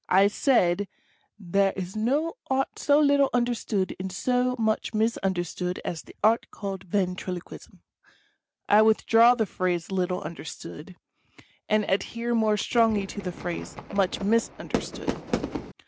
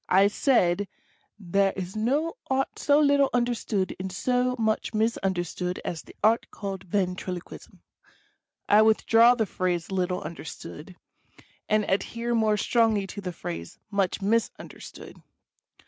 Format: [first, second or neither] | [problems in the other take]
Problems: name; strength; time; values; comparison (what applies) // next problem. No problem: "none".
second | background sound (Fireworks); 7 dB below the speech